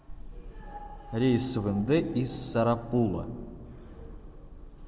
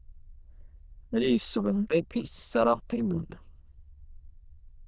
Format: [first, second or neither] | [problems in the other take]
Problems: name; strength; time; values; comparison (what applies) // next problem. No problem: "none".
first | noise reduction (neural diffusion model UNIVERSE++)